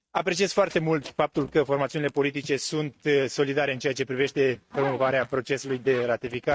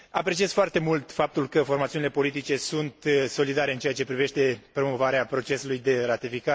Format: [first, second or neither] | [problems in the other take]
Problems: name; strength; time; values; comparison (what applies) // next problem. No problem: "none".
second | noise reduction (neural mask model RNNoise)